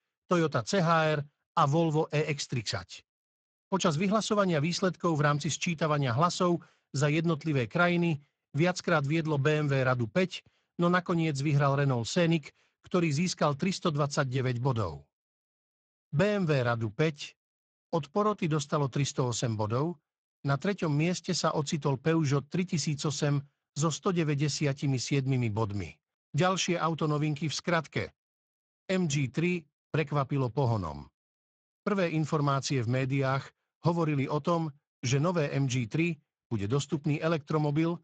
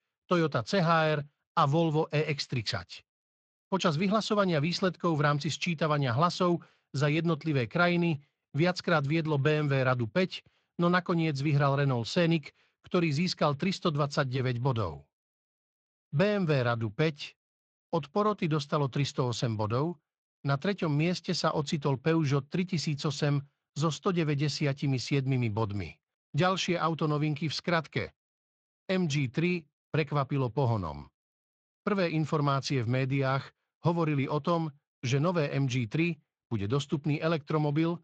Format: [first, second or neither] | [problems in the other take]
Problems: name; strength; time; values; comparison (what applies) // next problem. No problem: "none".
second | garbled, watery; badly; nothing above 7.5 kHz; slightly in the second